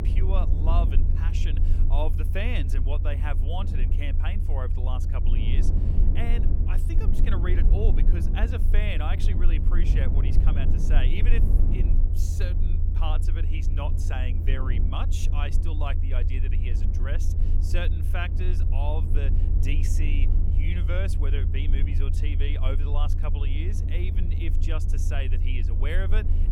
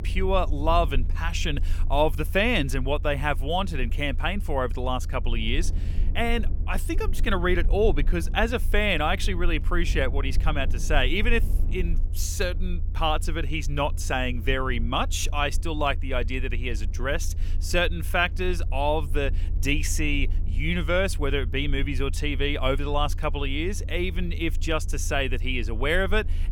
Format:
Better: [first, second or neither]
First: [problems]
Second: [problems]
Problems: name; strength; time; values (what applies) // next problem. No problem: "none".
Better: second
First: low rumble; loud; throughout; 5 dB below the speech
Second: low rumble; faint; throughout; 20 dB below the speech